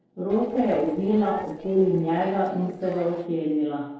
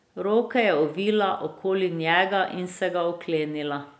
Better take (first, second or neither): second